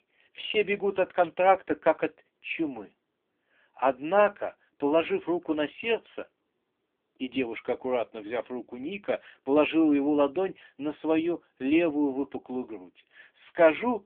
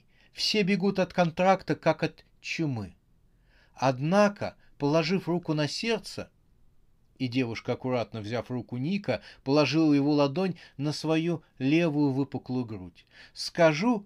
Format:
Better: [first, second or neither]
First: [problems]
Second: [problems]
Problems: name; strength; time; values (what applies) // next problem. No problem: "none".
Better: second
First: phone-call audio; poor line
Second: none